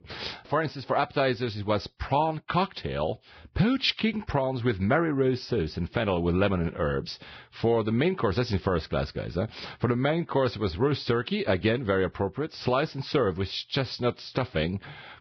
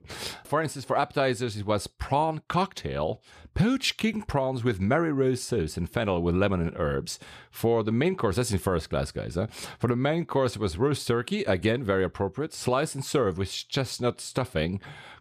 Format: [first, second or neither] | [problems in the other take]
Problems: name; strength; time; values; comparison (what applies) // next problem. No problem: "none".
second | garbled, watery; badly; nothing above 5.5 kHz